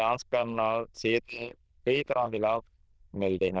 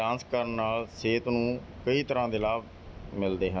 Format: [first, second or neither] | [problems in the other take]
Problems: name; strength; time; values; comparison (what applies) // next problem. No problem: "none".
second | noise reduction (neural diffusion model UNIVERSE++)